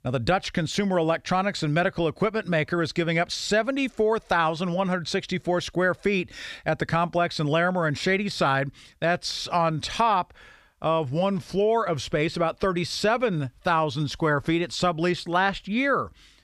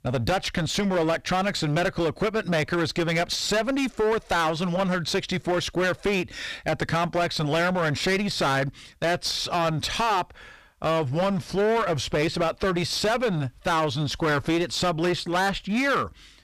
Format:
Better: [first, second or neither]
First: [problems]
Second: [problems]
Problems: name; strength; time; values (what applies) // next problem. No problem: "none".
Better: first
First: none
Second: distortion; heavy; 19% of the sound clipped